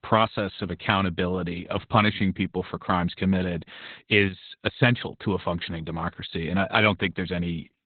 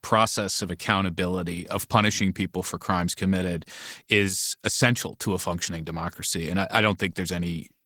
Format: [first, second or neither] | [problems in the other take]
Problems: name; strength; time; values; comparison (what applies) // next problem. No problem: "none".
second | garbled, watery; badly; nothing above 4 kHz; slightly in the second